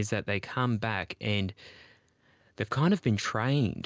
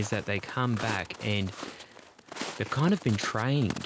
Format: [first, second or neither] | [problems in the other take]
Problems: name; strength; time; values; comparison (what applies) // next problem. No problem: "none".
first | background sound (Walk, footsteps); 12 dB below the speech